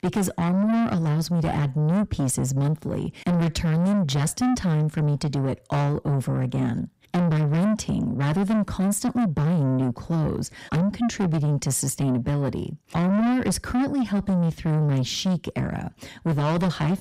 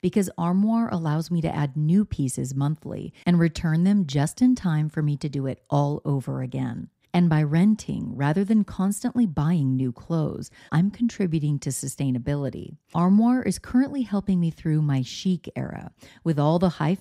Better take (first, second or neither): second